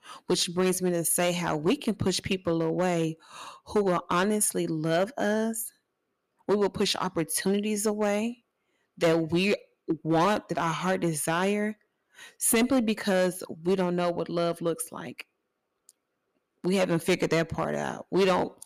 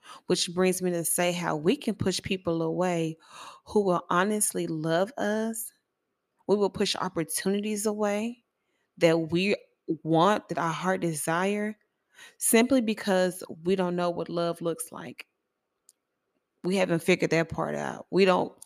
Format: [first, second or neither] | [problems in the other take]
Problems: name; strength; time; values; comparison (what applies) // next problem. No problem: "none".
second | distortion; slight; 5% of the sound clipped